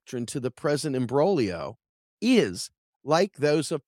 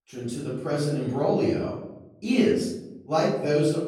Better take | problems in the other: first | off-mic speech; far // room echo; noticeable; dies away in 0.8 s

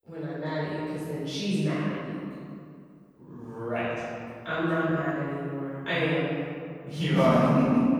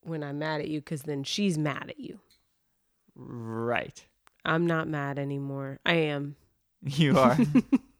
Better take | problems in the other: second | off-mic speech; far // room echo; strong; dies away in 2.1 s

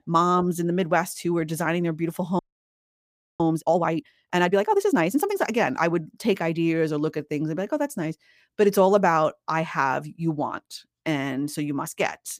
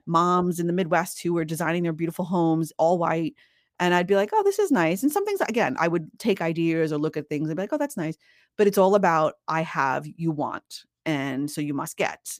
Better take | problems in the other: second | audio freezing; at 2.5 s for 1 s

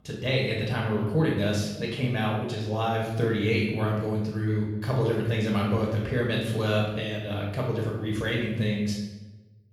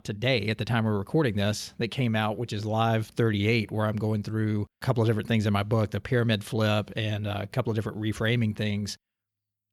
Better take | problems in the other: second | off-mic speech; far // room echo; noticeable; dies away in 0.9 s

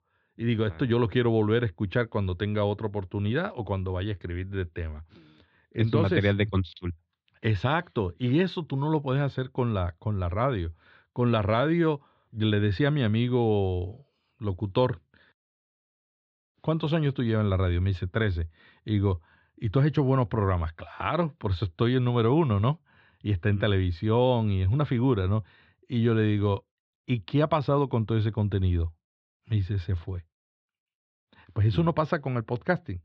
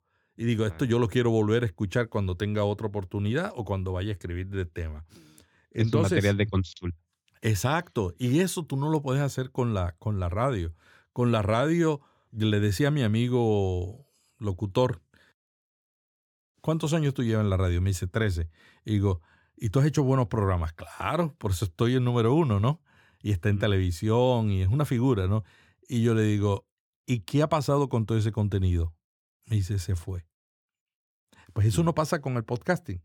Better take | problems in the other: second | muffled; slightly; fading above 4 kHz

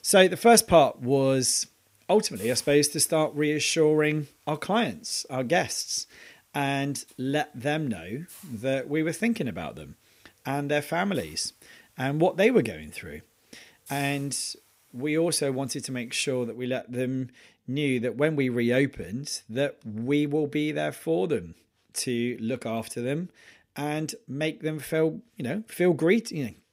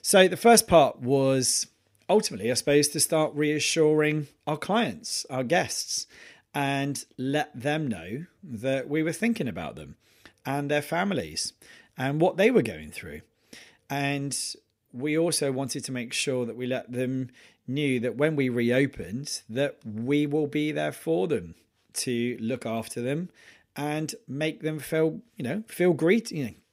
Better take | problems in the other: second | hiss; faint; until 17 s; 25 dB below the speech

